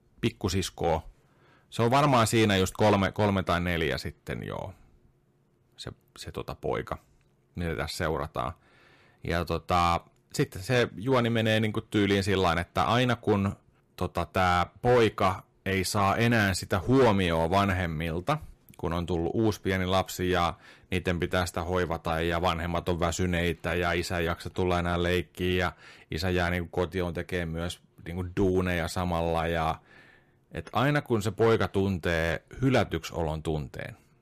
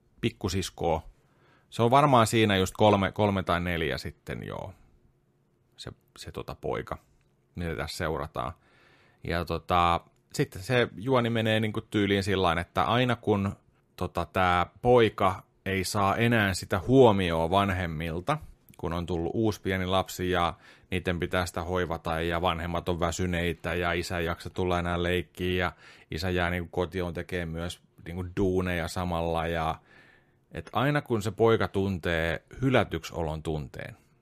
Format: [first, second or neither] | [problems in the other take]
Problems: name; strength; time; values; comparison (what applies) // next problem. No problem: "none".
second | distortion; slight; 3% of the sound clipped